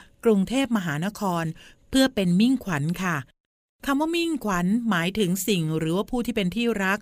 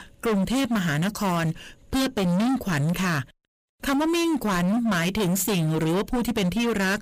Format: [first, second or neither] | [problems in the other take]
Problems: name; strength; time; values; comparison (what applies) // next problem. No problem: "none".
first | distortion; heavy; 34% of the sound clipped